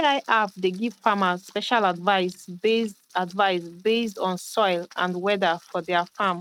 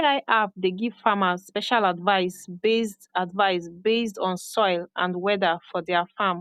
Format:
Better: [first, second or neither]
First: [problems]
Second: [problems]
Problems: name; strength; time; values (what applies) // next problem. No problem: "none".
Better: second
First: noise reduction (neural mask model RNNoise)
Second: none